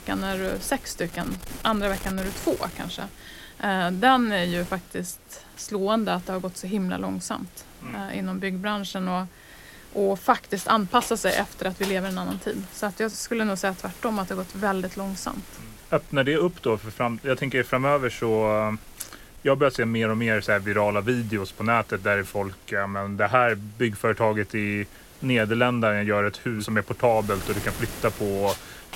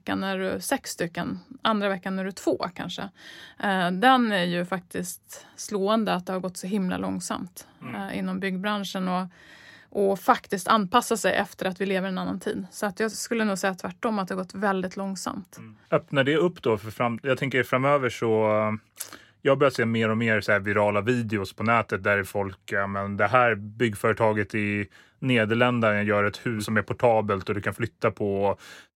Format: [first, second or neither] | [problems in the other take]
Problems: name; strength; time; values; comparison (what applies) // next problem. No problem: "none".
second | wind noise on the microphone; occasional gusts; 20 dB below the speech